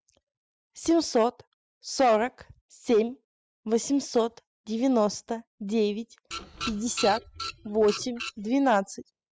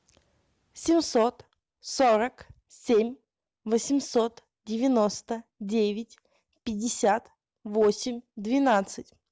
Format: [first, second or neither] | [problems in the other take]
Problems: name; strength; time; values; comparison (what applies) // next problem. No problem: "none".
second | noise reduction (classical method spectral subtraction)